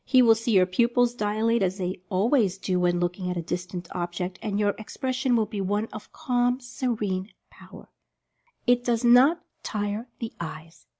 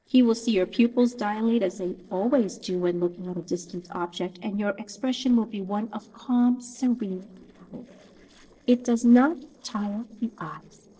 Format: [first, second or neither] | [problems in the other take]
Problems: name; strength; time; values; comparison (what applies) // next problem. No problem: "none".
first | noise reduction (neural separator model SepFormer DNS4)